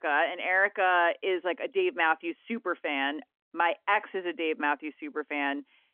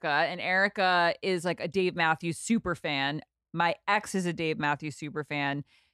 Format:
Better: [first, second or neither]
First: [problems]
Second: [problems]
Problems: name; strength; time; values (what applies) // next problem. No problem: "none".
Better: second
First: phone-call audio; nothing above 3 kHz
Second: none